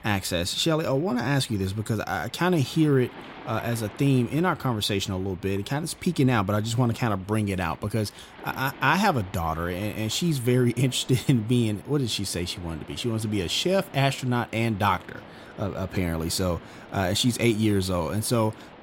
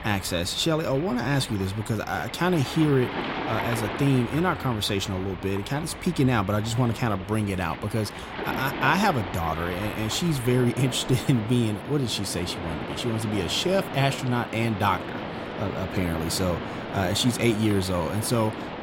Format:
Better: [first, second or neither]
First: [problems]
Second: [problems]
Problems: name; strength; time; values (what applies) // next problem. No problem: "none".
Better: first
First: rain or running water; faint; throughout; 20 dB below the speech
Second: rain or running water; loud; throughout; 8 dB below the speech